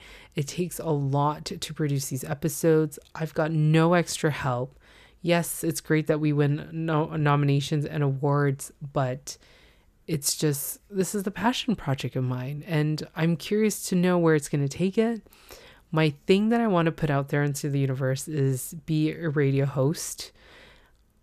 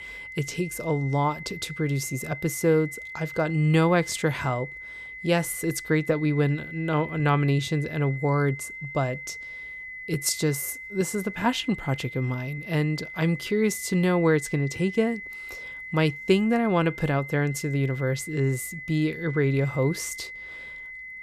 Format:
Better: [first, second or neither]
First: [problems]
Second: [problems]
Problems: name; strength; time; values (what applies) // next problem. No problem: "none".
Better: first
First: none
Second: high-pitched whine; noticeable; throughout; 2 kHz, 10 dB below the speech